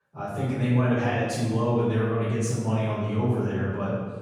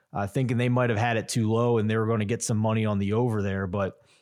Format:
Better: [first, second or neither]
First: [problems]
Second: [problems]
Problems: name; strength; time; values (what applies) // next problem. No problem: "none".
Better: second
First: off-mic speech; far // room echo; strong; dies away in 1.7 s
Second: none